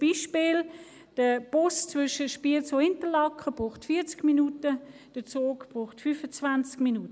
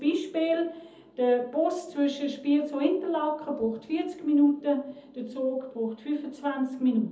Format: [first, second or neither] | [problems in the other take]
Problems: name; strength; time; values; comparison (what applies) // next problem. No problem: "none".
first | room echo; dies away in 0.7 s